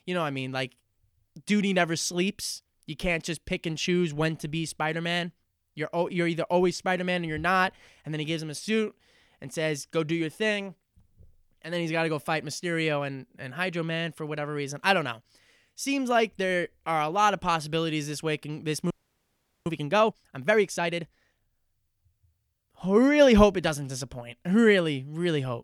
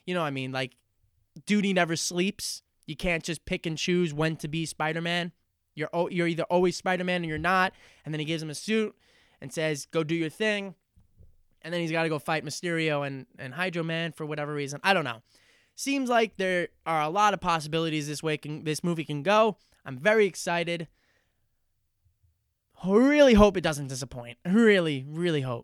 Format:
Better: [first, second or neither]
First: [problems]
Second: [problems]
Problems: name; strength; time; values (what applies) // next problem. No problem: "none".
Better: second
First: audio freezing; at 19 s for 1 s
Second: none